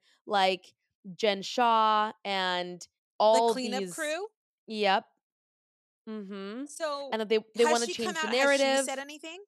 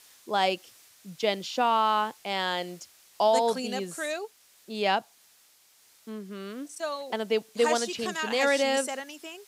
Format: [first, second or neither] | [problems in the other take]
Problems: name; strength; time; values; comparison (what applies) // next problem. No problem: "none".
first | hiss; faint; throughout; 25 dB below the speech